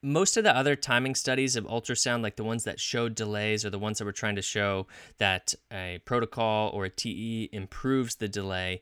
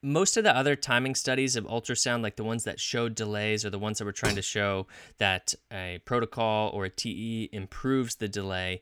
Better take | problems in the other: first | clattering dishes; noticeable; at 4 s; peak 5 dB below the speech

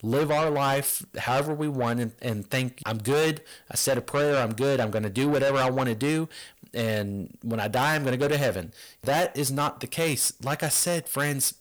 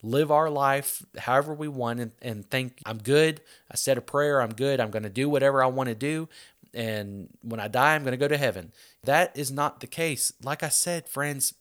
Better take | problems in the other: second | distortion; heavy; 6 dB below the speech

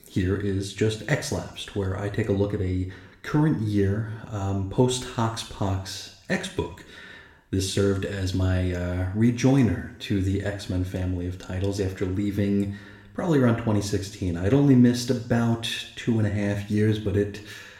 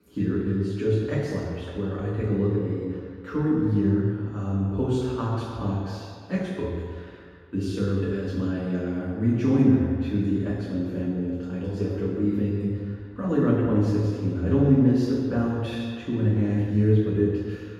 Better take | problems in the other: first | room echo; strong; dies away in 1.8 s; slight in the first // off-mic speech; far

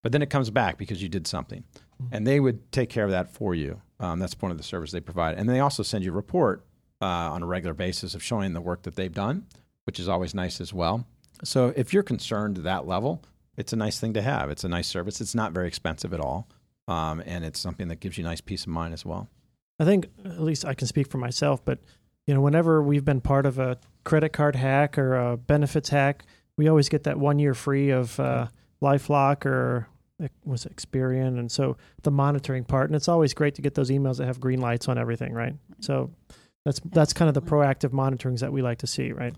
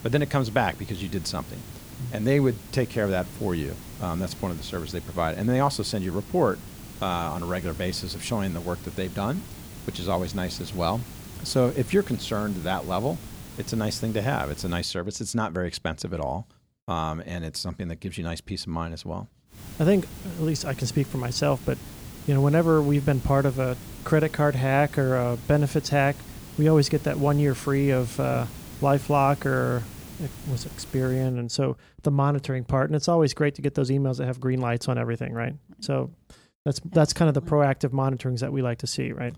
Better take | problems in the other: first | hiss; noticeable; until 15 s and from 20 to 31 s; 15 dB below the speech

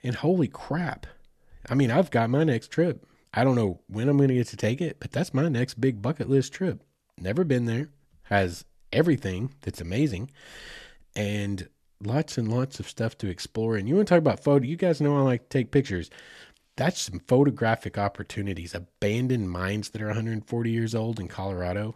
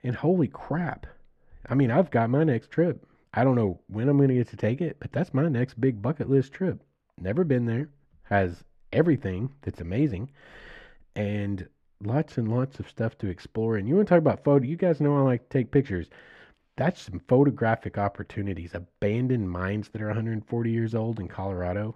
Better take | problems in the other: first | muffled; very; fading above 3.5 kHz

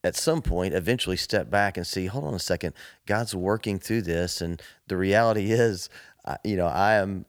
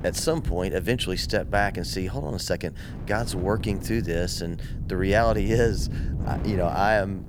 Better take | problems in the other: first | wind noise on the microphone; occasional gusts; 15 dB below the speech

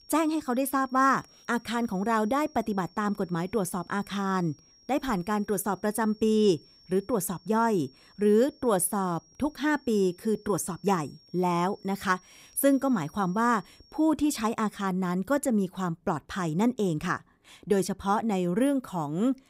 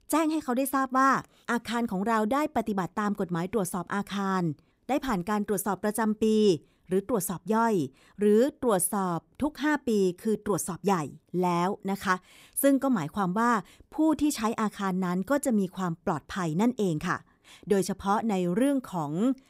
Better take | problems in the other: second | high-pitched whine; faint; until 14 s; 5.5 kHz, 30 dB below the speech

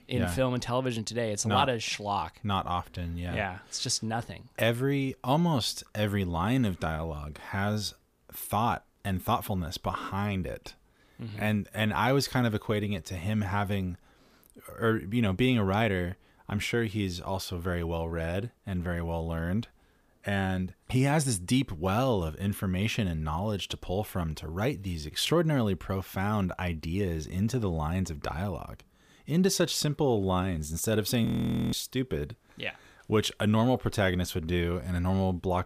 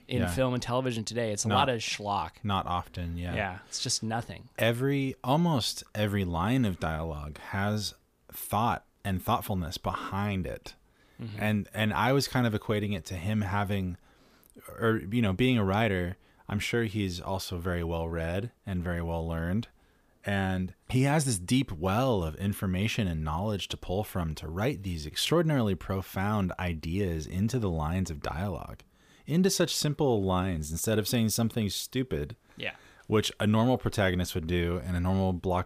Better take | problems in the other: second | audio freezing; at 31 s

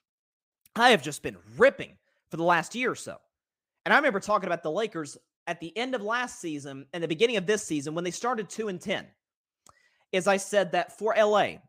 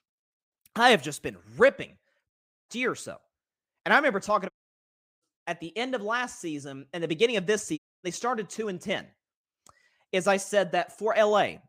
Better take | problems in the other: first | audio cutting out; at 2.5 s, at 4.5 s for 0.5 s and at 8 s

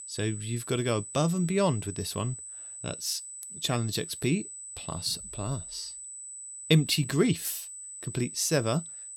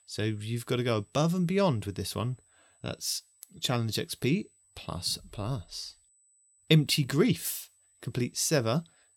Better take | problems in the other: second | high-pitched whine; loud; throughout; 8 kHz, 10 dB below the speech; faint in the second

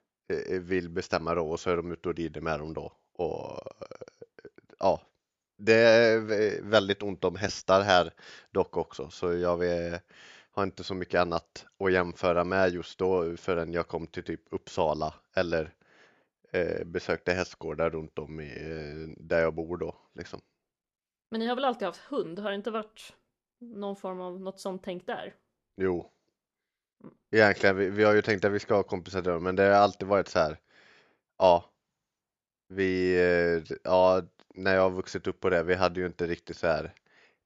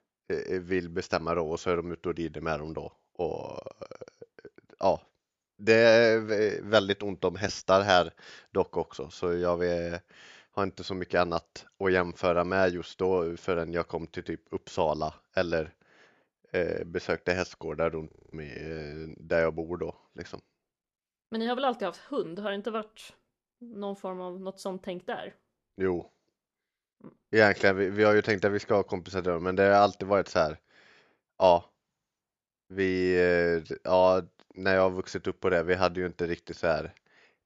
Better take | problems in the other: first | audio freezing; at 18 s

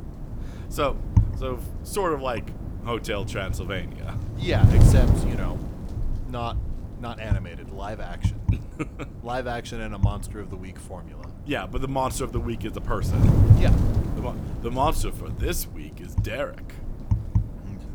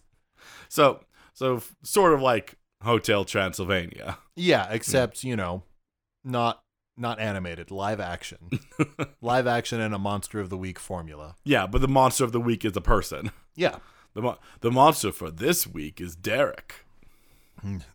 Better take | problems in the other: second | wind noise on the microphone; heavy; 6 dB below the speech

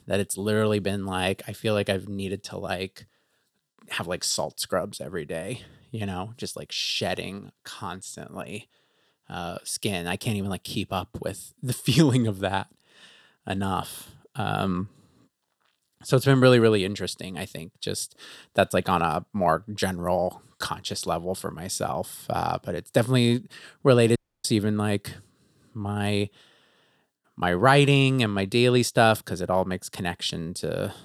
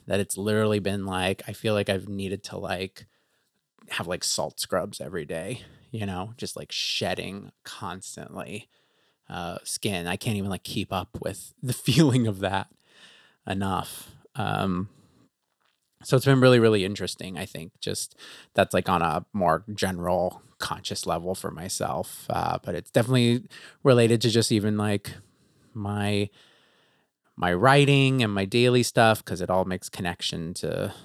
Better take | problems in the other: second | audio cutting out; at 24 s

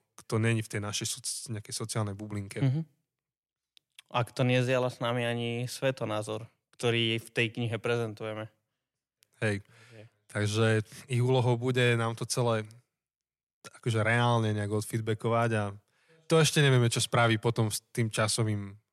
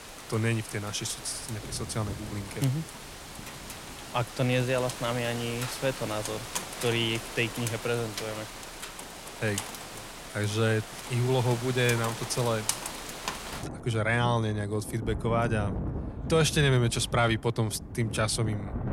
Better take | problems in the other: first | rain or running water; loud; throughout; 8 dB below the speech

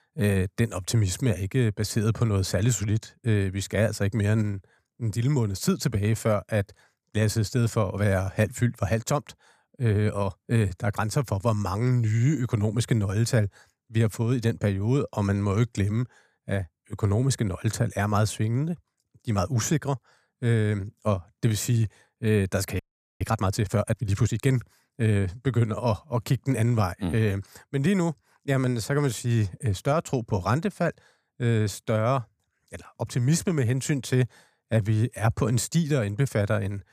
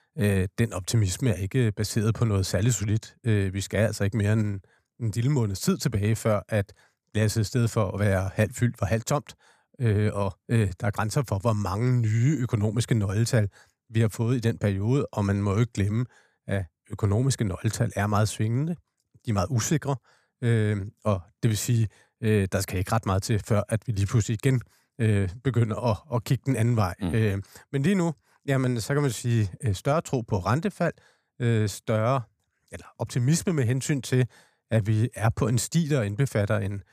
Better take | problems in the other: second | audio freezing; at 23 s

